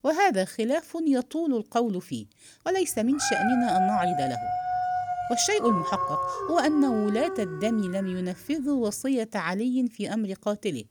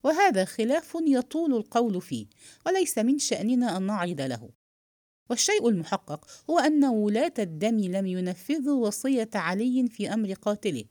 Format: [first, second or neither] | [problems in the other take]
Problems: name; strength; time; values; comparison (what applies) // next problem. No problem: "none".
second | dog barking; loud; from 3 to 8 s; peak 2 dB above the speech